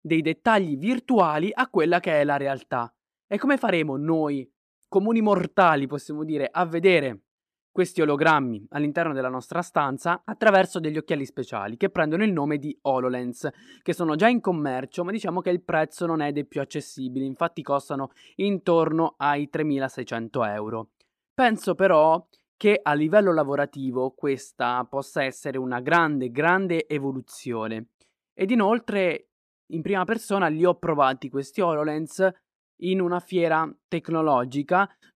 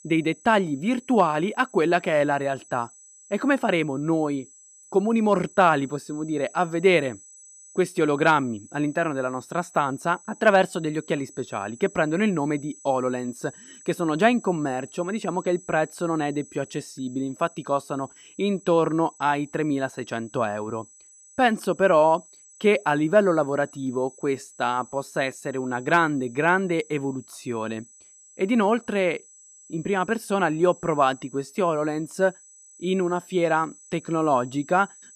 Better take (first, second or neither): first